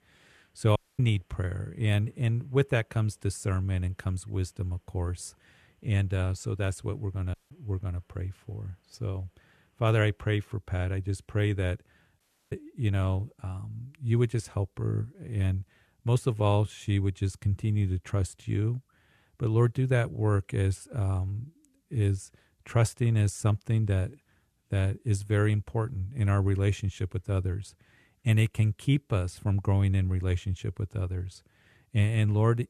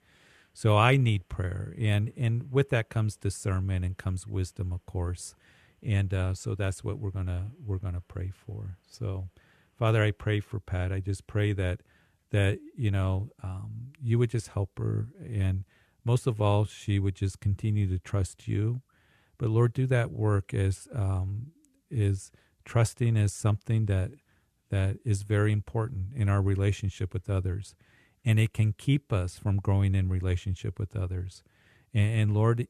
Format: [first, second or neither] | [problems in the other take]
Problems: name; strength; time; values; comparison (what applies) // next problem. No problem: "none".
second | audio cutting out; at 1 s, at 7.5 s and at 12 s